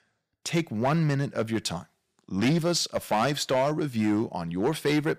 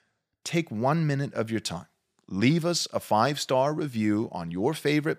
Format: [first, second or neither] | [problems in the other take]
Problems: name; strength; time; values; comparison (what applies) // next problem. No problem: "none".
second | distortion; slight; 5% of the sound clipped